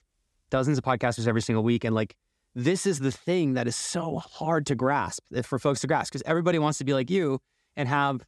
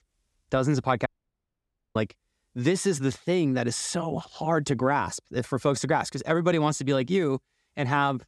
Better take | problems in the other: first | audio cutting out; at 1 s for 1 s

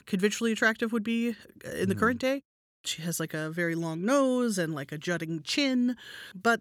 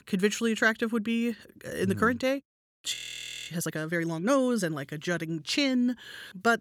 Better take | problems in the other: first | audio freezing; at 3 s for 0.5 s

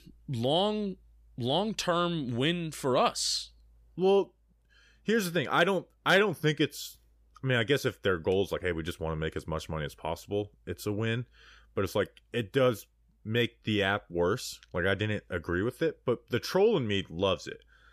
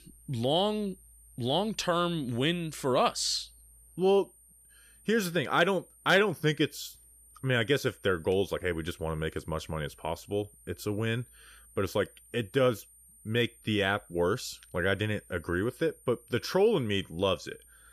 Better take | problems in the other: first | high-pitched whine; faint; throughout; 9 kHz, 25 dB below the speech

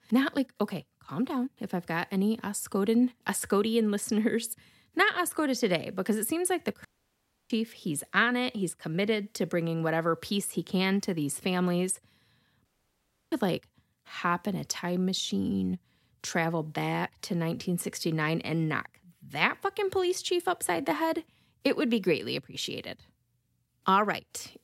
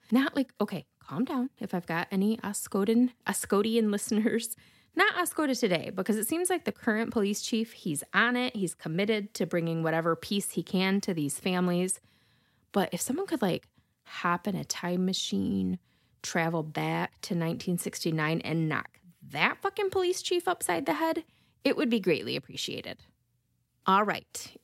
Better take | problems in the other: second | audio cutting out; at 7 s for 0.5 s and at 13 s for 0.5 s

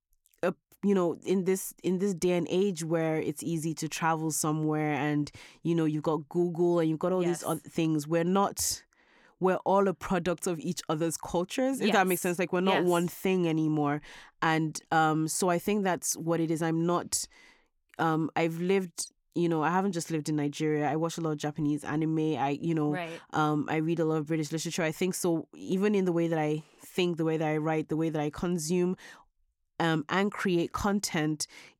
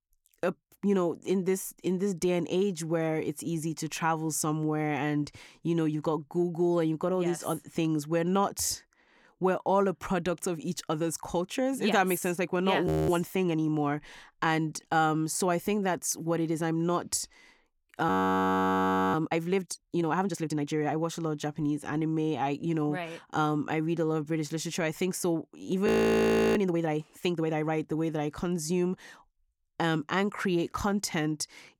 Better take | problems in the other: first | audio freezing; at 13 s, at 18 s for 1 s and at 26 s for 0.5 s

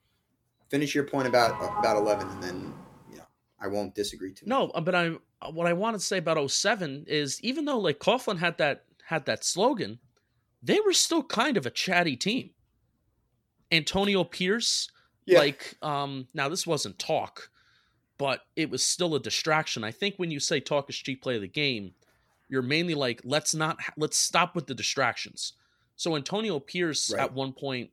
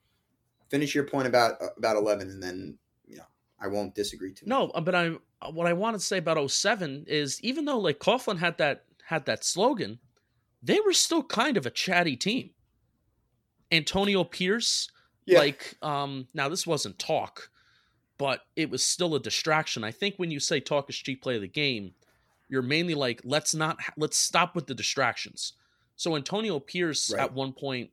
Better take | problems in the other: second | doorbell; noticeable; from 1 to 3 s; peak 3 dB below the speech

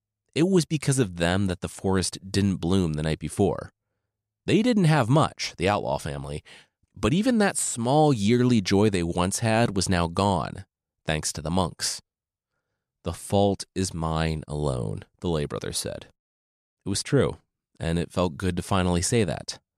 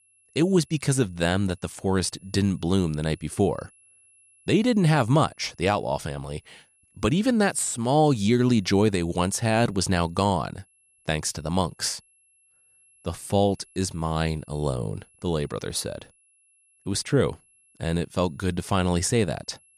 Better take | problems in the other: first | high-pitched whine; faint; throughout; 11 kHz, 35 dB below the speech

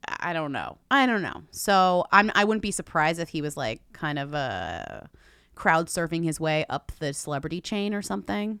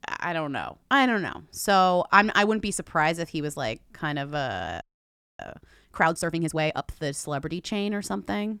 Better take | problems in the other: first | audio freezing; at 5 s for 0.5 s

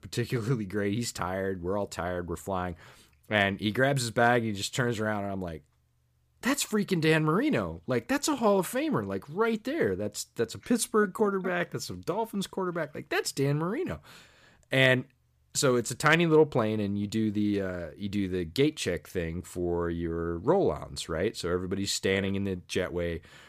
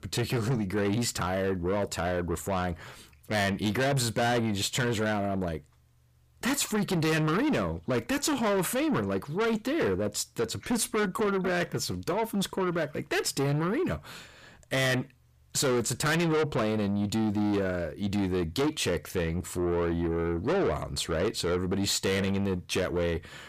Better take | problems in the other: first | distortion; heavy; 6 dB below the speech

